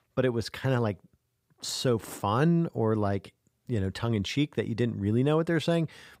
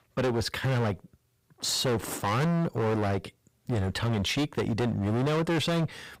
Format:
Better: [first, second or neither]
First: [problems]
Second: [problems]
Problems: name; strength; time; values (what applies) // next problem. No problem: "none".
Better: first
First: none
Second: distortion; heavy; 24% of the sound clipped